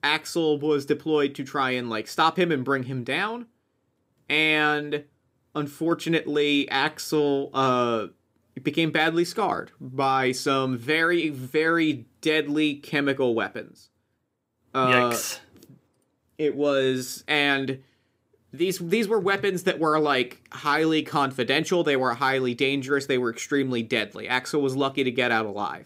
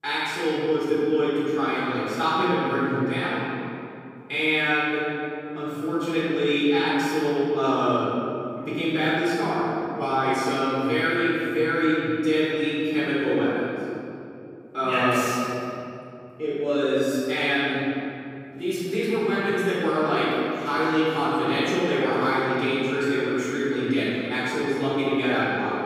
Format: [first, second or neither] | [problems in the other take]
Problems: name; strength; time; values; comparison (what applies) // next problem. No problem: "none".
first | off-mic speech; far // room echo; strong; dies away in 2.6 s